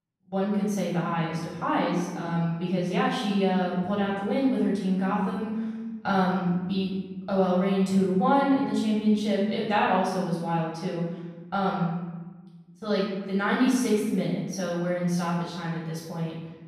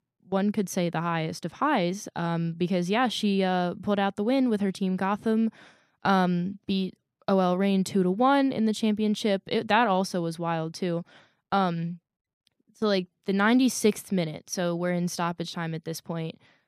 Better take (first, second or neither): second